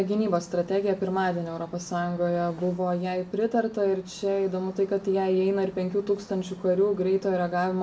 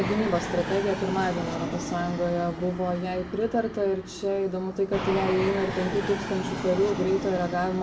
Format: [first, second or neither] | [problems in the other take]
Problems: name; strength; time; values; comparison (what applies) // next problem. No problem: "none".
first | background sound (Fixed-wing aircraft, airplane); 6 dB below the speech